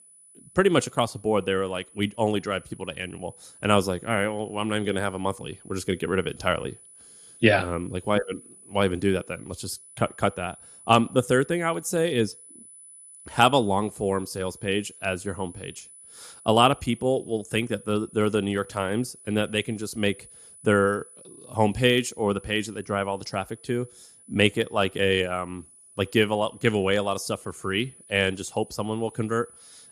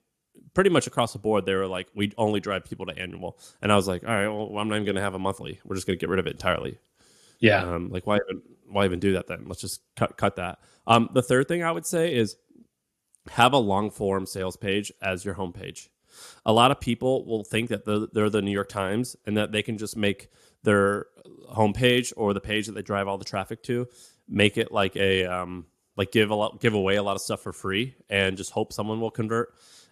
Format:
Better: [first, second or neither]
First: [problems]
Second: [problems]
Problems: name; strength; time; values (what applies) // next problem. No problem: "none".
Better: second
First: high-pitched whine; faint; throughout; 10 kHz, 20 dB below the speech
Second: none